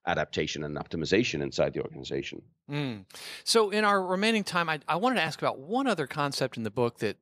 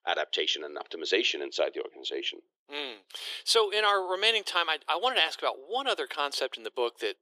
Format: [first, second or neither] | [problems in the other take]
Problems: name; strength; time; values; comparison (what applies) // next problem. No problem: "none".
first | thin; very; fading below 350 Hz